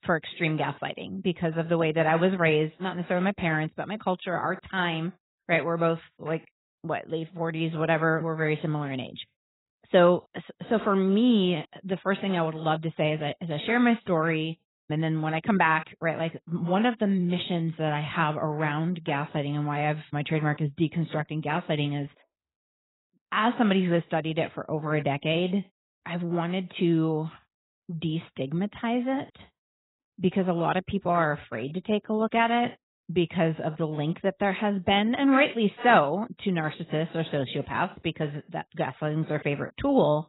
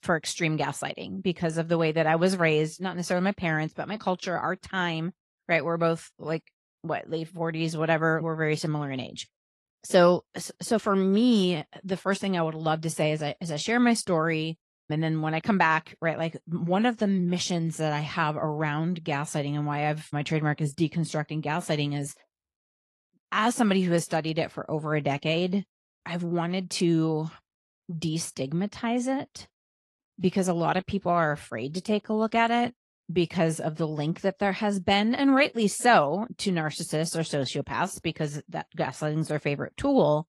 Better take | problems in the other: second | garbled, watery; badly; nothing above 4 kHz; slightly in the second

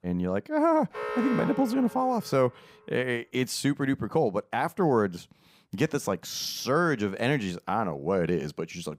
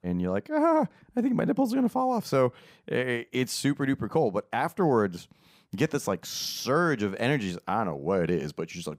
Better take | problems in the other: second | alarm; noticeable; from 1 to 2.5 s; peak 4 dB below the speech

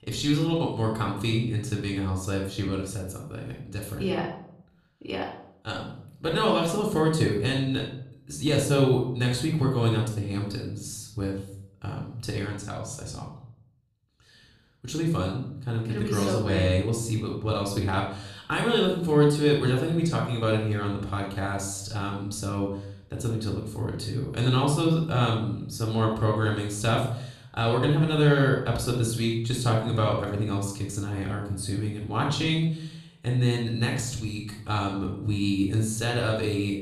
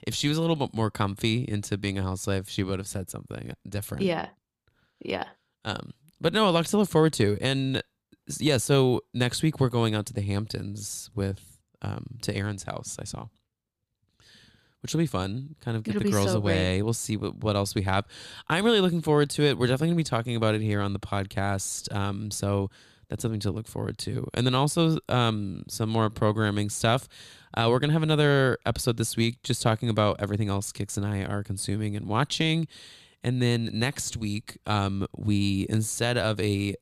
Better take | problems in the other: second | off-mic speech; somewhat distant // room echo; noticeable; dies away in 0.6 s

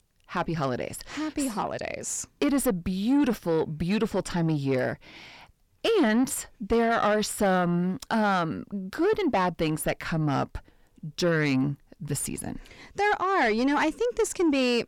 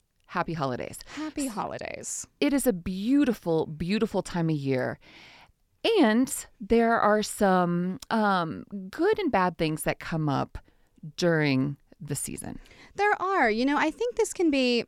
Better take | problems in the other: second | distortion; slight; 10 dB below the speech

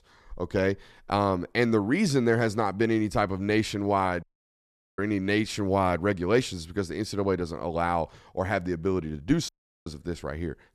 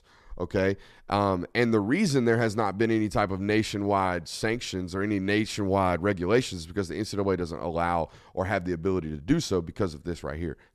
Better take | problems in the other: second | audio cutting out; at 4 s for 1 s and at 9.5 s

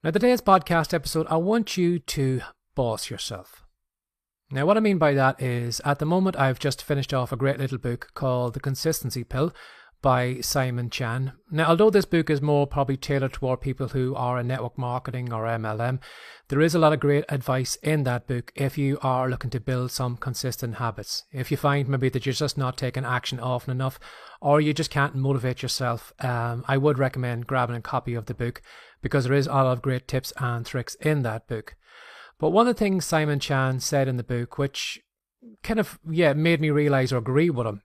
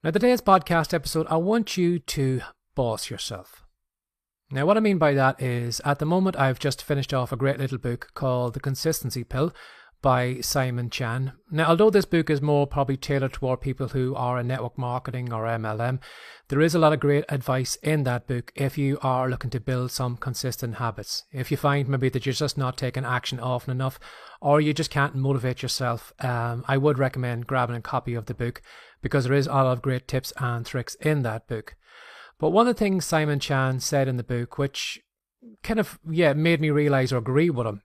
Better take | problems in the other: neither | none

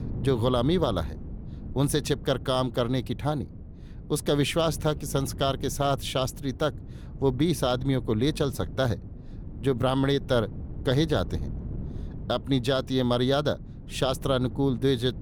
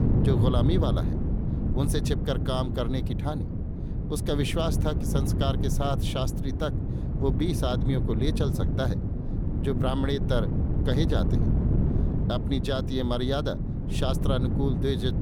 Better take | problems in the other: first | wind noise on the microphone; heavy; 6 dB below the speech; occasional gusts in the first

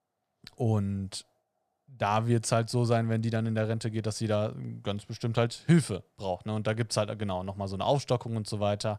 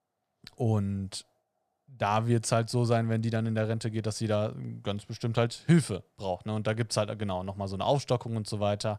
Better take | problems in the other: neither | none

